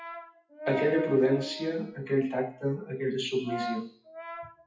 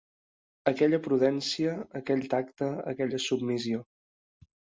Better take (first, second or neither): second